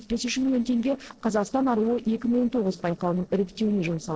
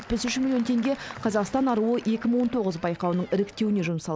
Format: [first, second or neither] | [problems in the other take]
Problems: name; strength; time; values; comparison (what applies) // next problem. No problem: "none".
second | noise reduction (neural separator model SepFormer DNS4)